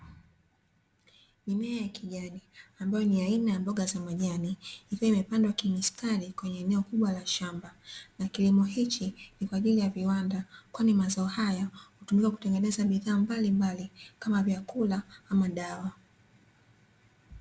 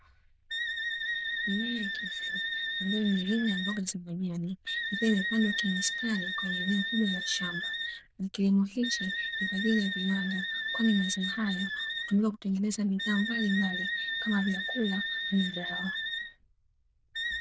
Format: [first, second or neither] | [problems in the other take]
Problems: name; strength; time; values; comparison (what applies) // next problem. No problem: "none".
first | noise reduction (neural diffusion model UNIVERSE++)